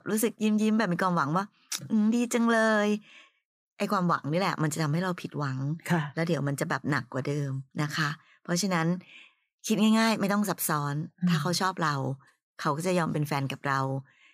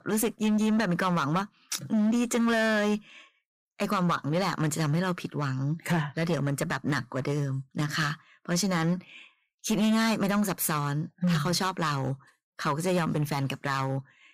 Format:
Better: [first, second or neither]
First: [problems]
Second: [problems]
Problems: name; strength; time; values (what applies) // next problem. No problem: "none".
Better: first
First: none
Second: distortion; slight; 10% of the sound clipped